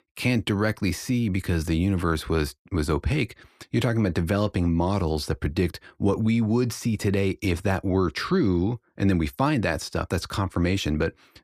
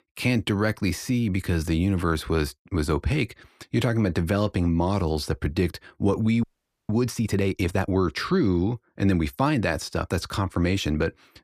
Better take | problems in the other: first | audio freezing; at 6.5 s

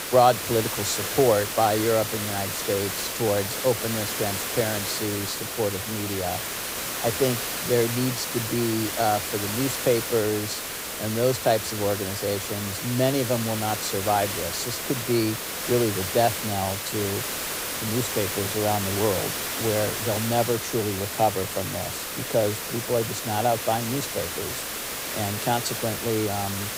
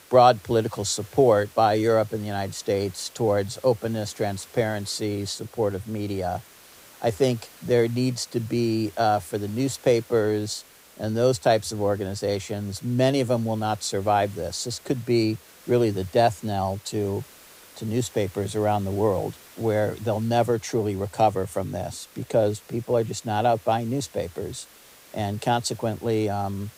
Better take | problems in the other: second | hiss; loud; throughout; 2 dB below the speech; faint in the second

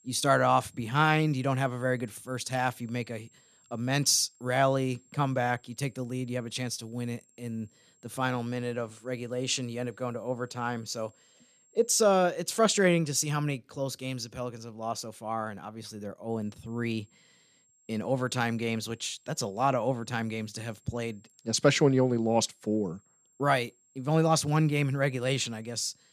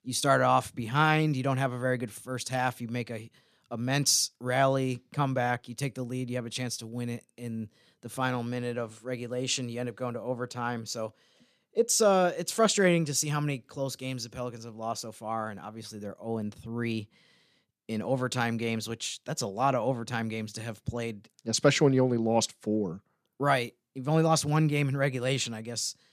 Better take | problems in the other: second | high-pitched whine; faint; until 12 s and from 16 s on; 7.5 kHz, 35 dB below the speech

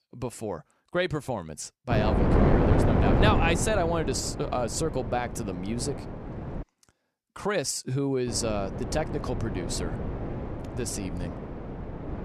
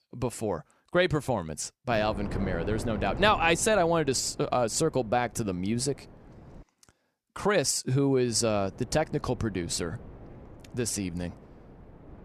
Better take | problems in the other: second | wind noise on the microphone; heavy; from 2 to 6.5 s and from 8.5 s on; 3 dB below the speech; occasional gusts in the second

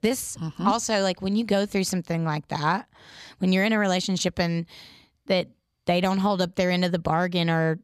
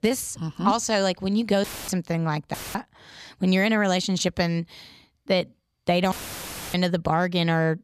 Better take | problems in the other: first | audio cutting out; filled with static; at 1.5 s, at 2.5 s and at 6 s for 0.5 s

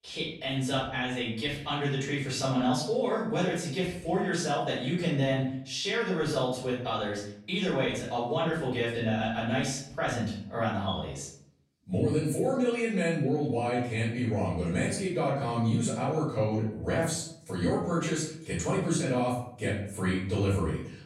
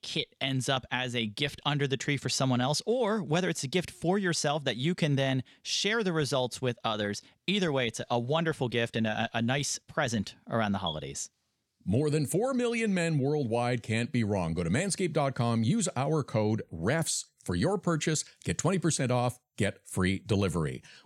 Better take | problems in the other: second | off-mic speech; far // room echo; noticeable; dies away in 0.6 s

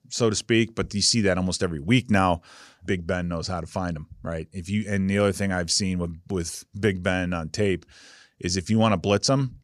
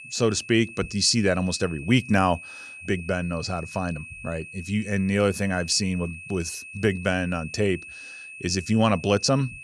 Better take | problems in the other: first | high-pitched whine; noticeable; throughout; 2.5 kHz, 15 dB below the speech

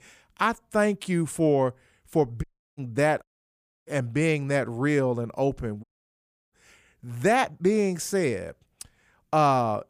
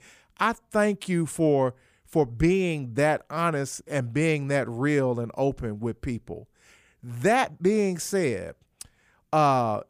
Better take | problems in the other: second | audio cutting out; at 2.5 s, at 3 s for 0.5 s and at 6 s for 0.5 s

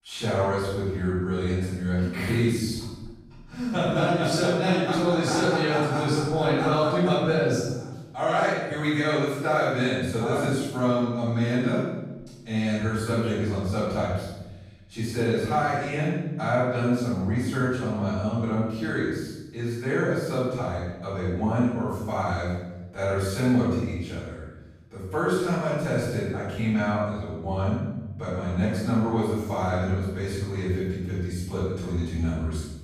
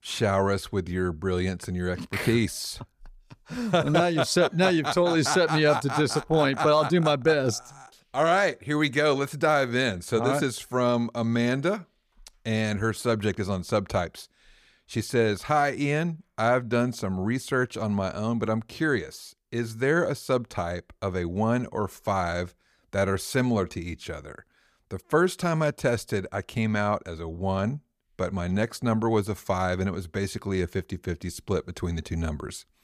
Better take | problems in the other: second | room echo; strong; dies away in 1.1 s // off-mic speech; far

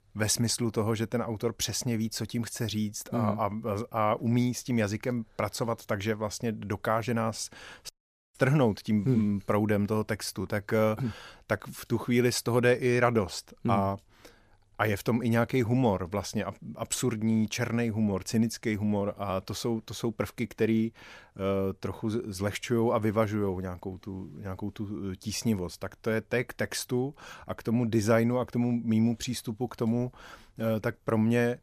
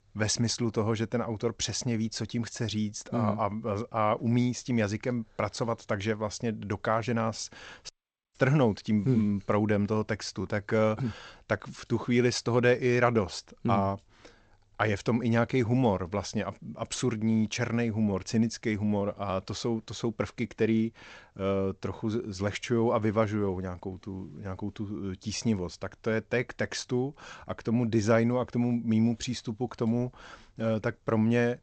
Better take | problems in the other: first | garbled, watery; slightly; nothing above 8 kHz

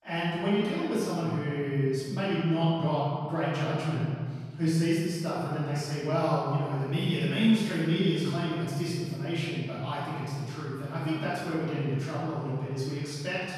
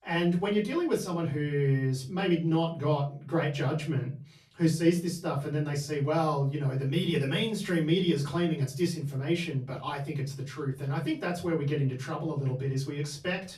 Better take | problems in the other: second | room echo; strong; dies away in 1.6 s; slight in the second // off-mic speech; far; far in the second

